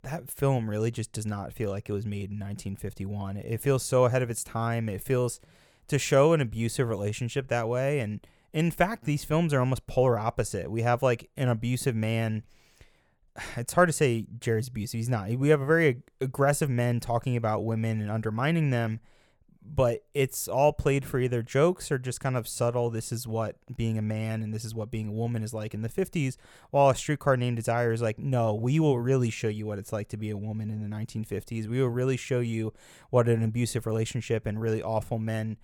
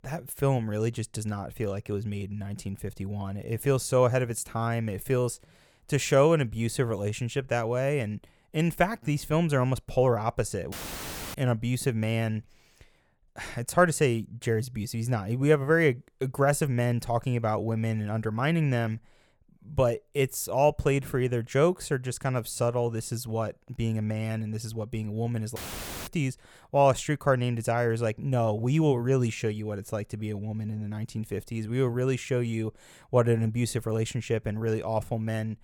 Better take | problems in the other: first | audio cutting out; filled with static; at 11 s for 0.5 s and at 26 s for 0.5 s

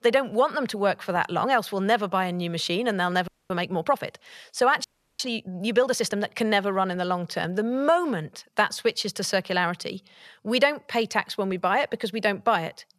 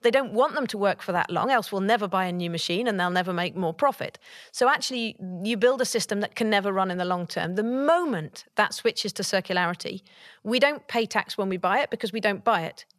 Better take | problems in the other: second | audio freezing; at 3.5 s and at 5 s

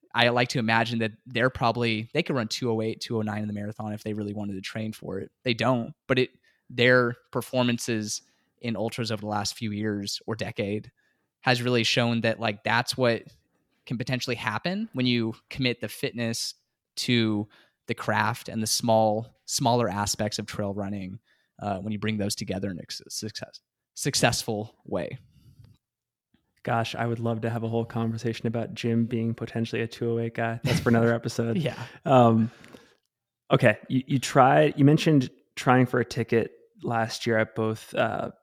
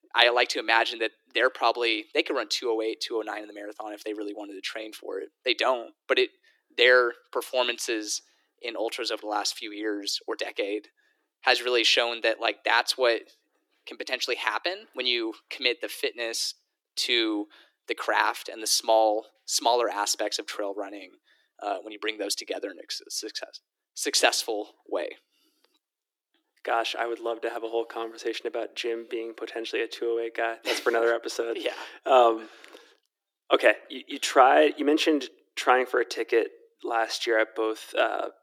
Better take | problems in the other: first | thin; very; fading below 300 Hz

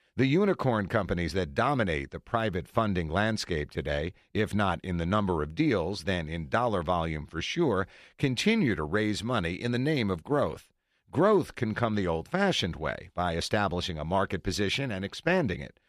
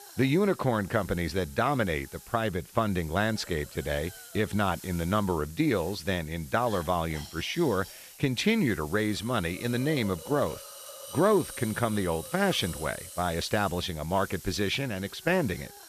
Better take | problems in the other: first | hiss; noticeable; throughout; 15 dB below the speech

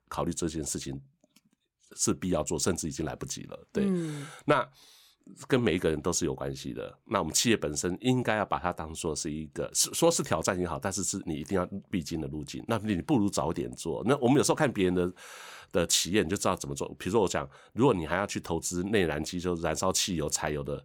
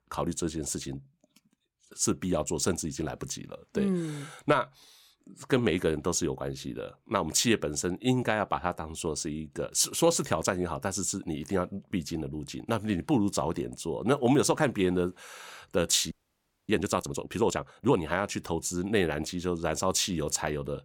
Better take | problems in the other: first | audio freezing; at 16 s for 0.5 s

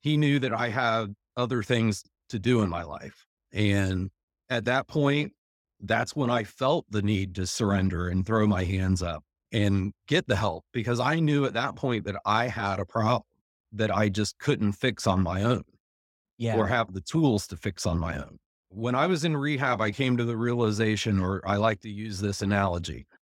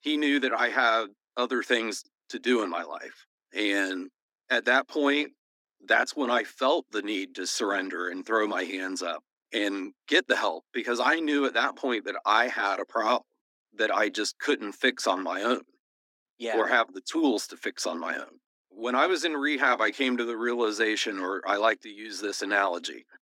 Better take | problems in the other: first | thin; somewhat; fading below 250 Hz

